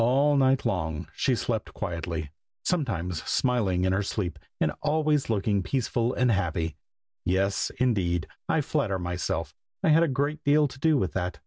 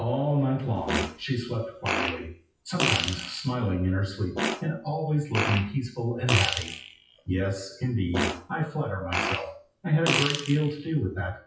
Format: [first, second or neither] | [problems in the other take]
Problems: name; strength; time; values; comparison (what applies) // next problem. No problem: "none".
first | noise reduction (classical method WPE with log-MMSE)